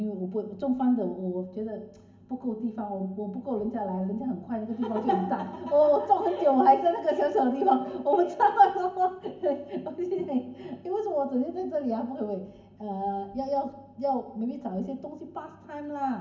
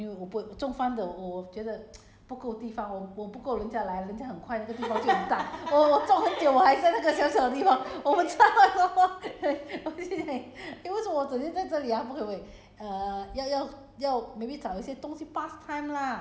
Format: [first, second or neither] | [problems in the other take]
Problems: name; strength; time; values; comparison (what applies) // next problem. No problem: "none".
second | room echo; dies away in 0.3 s